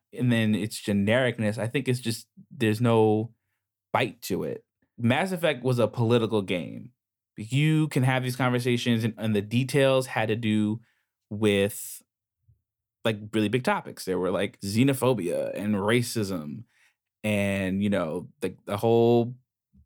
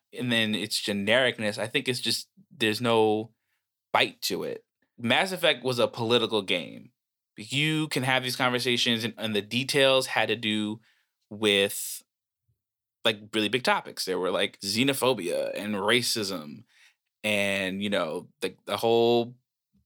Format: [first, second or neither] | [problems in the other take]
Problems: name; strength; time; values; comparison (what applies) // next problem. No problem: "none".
first | thin; very slightly; fading below 450 Hz